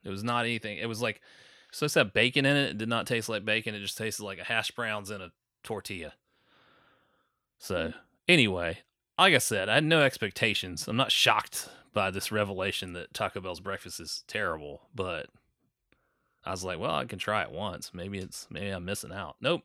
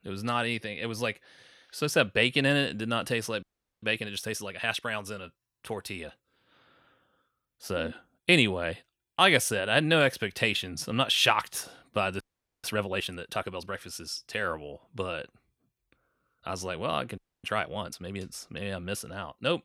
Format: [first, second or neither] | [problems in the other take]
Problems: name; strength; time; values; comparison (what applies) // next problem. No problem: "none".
first | audio freezing; at 3.5 s, at 12 s and at 17 s